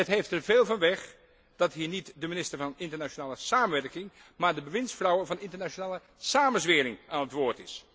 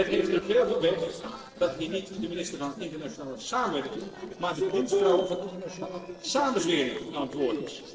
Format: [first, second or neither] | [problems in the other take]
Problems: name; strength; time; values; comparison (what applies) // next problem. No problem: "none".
first | noise reduction (neural separator model SepFormer DNS4)